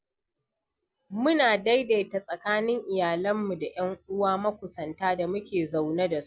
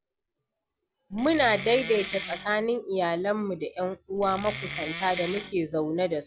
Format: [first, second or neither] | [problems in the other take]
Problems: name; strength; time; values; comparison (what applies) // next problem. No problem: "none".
first | background sound (Wood); 9 dB below the speech